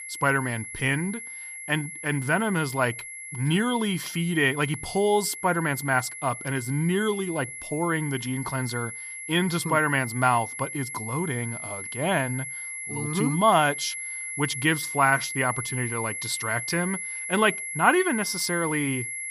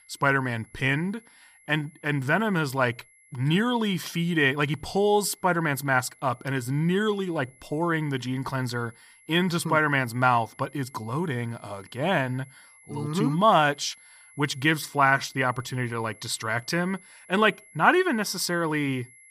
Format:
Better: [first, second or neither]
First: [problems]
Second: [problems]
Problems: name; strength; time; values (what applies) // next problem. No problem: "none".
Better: second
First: high-pitched whine; loud; throughout; 2 kHz, 7 dB below the speech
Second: high-pitched whine; faint; throughout; 2 kHz, 25 dB below the speech